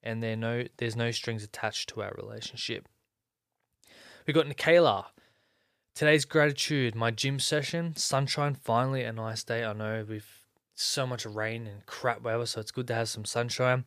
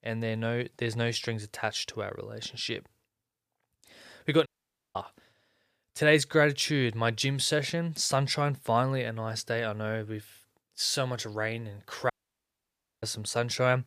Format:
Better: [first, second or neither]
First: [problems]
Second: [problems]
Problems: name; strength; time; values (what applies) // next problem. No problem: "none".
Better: first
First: none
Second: audio cutting out; at 4.5 s and at 12 s for 1 s